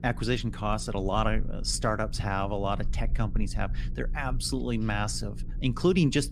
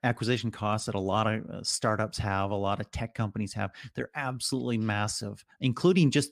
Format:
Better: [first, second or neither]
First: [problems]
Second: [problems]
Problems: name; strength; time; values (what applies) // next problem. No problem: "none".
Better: second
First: low rumble; faint; throughout; 20 dB below the speech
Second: none